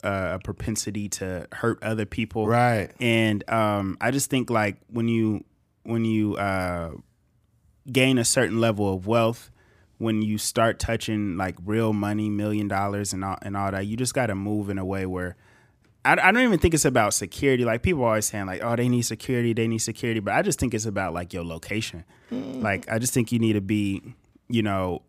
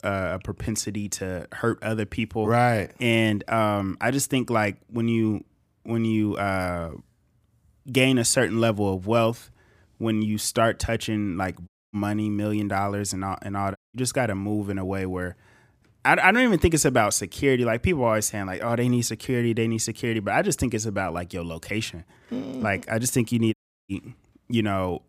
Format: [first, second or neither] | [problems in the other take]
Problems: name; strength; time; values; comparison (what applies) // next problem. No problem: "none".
first | audio cutting out; at 12 s, at 14 s and at 24 s